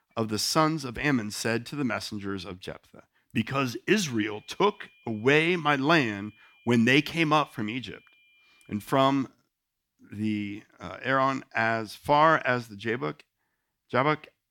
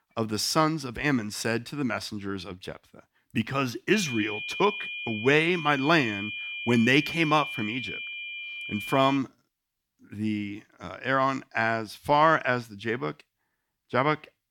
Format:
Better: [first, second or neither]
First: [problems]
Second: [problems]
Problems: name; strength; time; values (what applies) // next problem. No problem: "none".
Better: first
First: high-pitched whine; faint; from 4 to 9 s; 2.5 kHz, 30 dB below the speech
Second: high-pitched whine; loud; from 4 to 9 s; 2.5 kHz, 7 dB below the speech